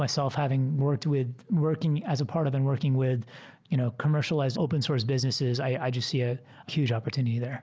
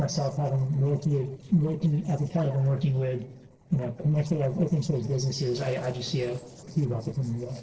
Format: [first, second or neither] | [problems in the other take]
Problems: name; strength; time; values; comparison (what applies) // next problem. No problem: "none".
first | noise reduction (neural separator model SepFormer DNS4)